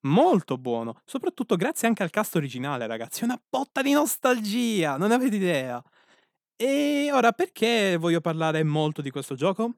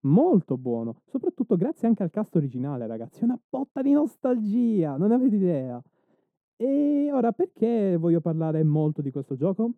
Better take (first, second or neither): first